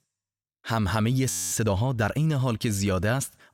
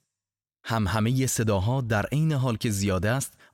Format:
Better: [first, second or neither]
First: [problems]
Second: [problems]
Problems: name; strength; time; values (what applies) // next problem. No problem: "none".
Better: second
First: audio freezing; at 1.5 s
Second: none